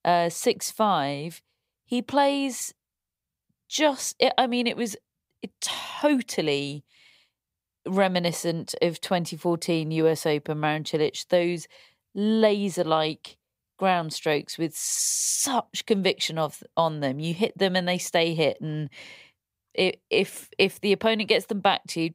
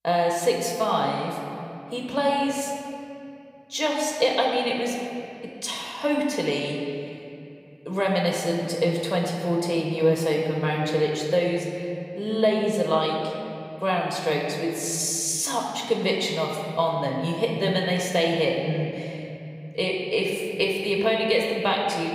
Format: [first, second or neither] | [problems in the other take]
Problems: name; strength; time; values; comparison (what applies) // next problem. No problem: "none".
first | room echo; noticeable; dies away in 2.5 s // off-mic speech; somewhat distant